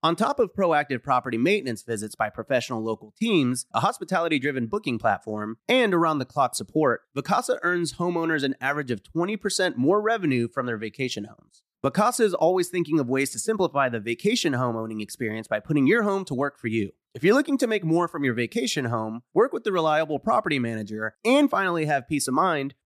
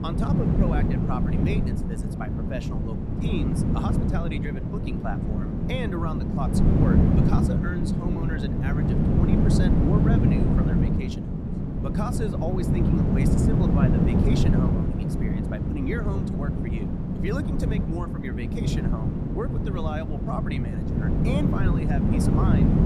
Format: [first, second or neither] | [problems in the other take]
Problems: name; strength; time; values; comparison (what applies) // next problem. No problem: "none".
first | wind noise on the microphone; heavy; 3 dB above the speech